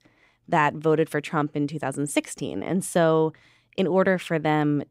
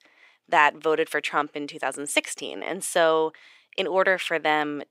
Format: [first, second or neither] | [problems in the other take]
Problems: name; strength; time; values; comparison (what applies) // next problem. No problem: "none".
first | thin; somewhat; fading below 500 Hz